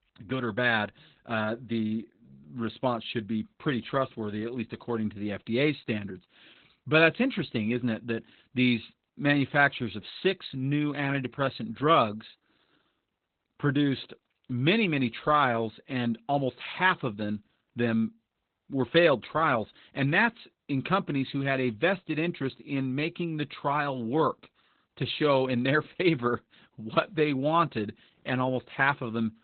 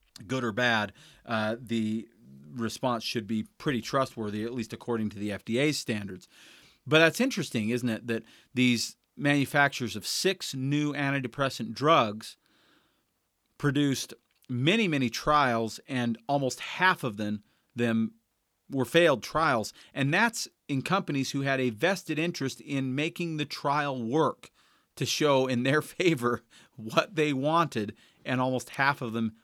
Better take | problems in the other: second | garbled, watery; badly; nothing above 4 kHz

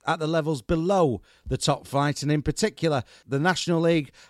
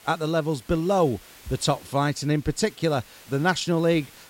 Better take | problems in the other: first | hiss; faint; throughout; 25 dB below the speech

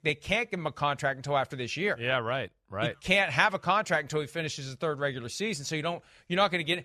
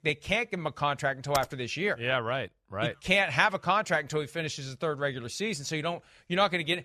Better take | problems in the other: first | keyboard typing; noticeable; at 1.5 s; peak 9 dB below the speech

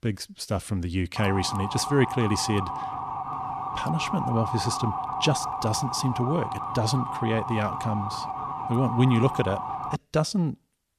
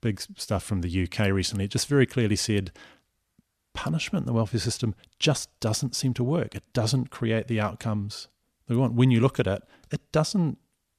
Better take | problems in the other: second | siren; noticeable; from 1 to 10 s; peak 3 dB below the speech

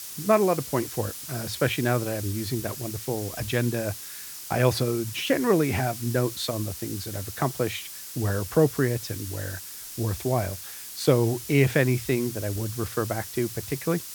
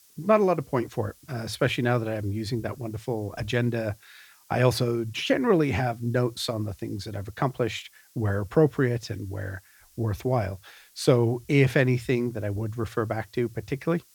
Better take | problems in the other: second | hiss; loud; throughout; 9 dB below the speech; faint in the second

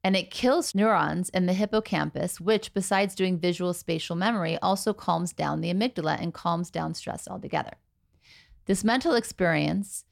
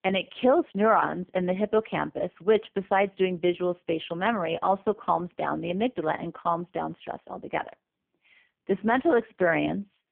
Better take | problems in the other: first | phone-call audio; poor line; nothing above 3.5 kHz

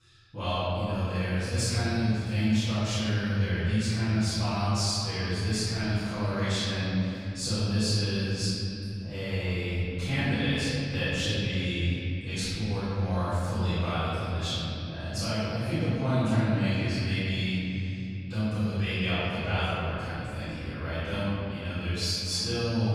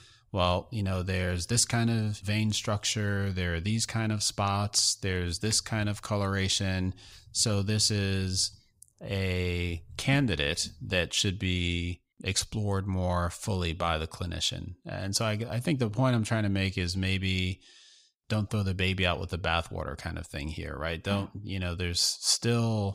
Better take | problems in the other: second | room echo; strong; dies away in 3 s // off-mic speech; far

